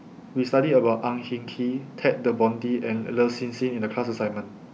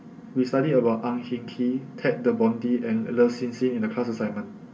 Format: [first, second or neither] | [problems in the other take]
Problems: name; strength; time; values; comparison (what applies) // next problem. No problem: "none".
first | room echo; dies away in 0.1 s